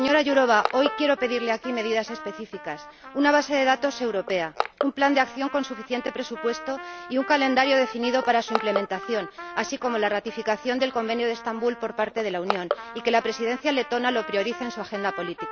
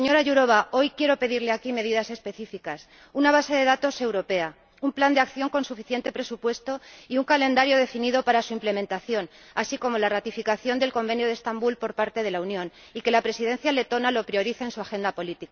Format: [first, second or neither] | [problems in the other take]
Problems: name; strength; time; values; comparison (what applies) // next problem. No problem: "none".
second | background sound (Trumpet + Crushing); 10 dB below the speech